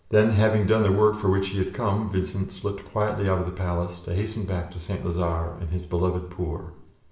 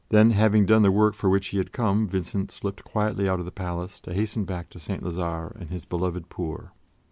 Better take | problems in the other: second | room echo; dies away in 0.7 s

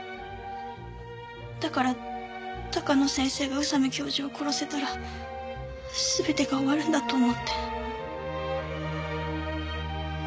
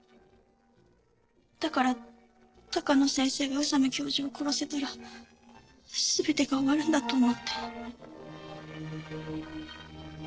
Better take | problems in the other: first | noise reduction (neural separator model SepFormer DNS4)

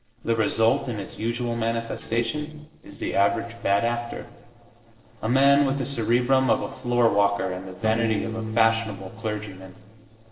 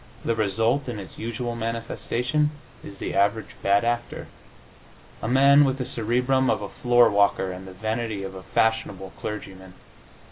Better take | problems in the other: second | noise reduction (neural separator model SepFormer DNS4)

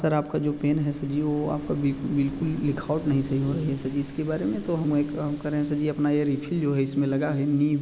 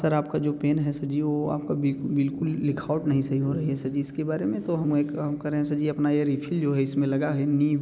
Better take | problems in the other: second | background sound (Ocean); 20 dB below the speech

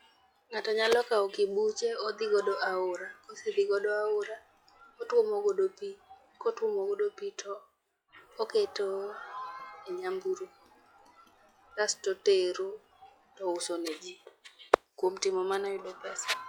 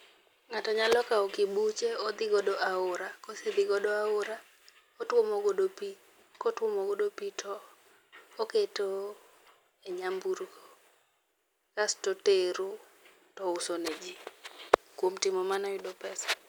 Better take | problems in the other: second | noise reduction (classical method log-MMSE)

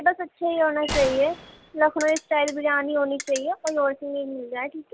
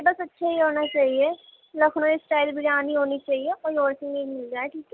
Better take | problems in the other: second | background sound (Ratchet, pawl + Gunshot, gunfire); 12 dB below the speech

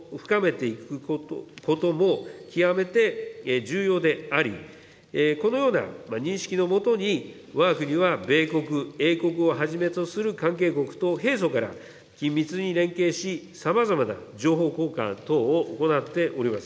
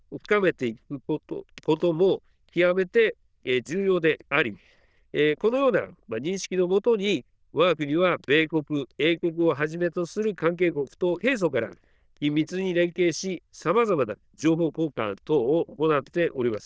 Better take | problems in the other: first | noise reduction (neural diffusion model UNIVERSE++)

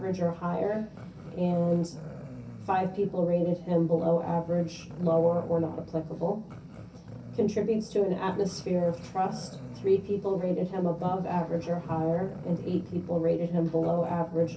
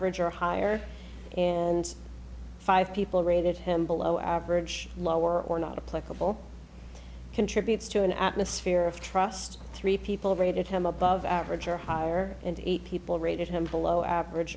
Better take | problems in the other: second | background sound (Growling); 17 dB below the speech // room echo; dies away in 0.3 s

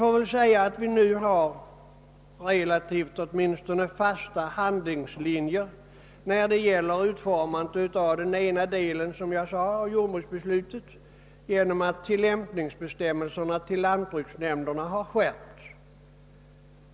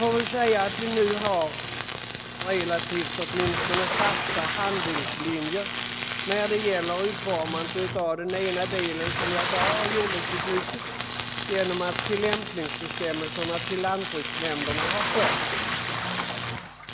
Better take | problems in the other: first | background sound (Bathtub (filling or washing) / Splash, splatter + Tools); 1 dB below the speech

